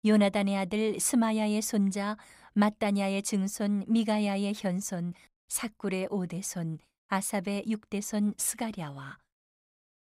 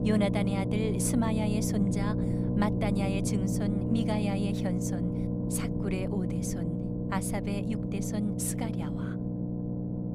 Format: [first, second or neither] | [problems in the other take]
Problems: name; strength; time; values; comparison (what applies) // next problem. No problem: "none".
first | low rumble; loud; throughout; 2 dB below the speech